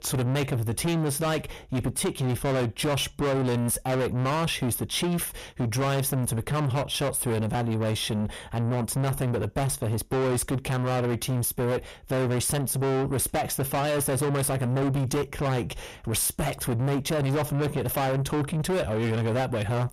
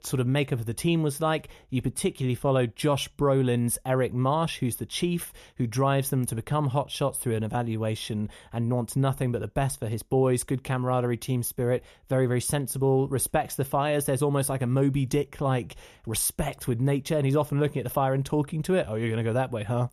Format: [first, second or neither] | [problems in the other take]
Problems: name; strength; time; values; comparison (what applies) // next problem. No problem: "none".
second | distortion; heavy; 6 dB below the speech